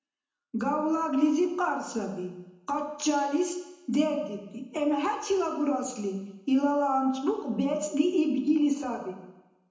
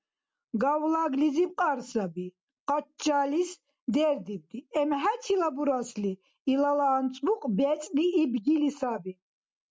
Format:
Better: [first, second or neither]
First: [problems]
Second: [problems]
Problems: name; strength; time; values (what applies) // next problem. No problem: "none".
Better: second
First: room echo; dies away in 0.9 s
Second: none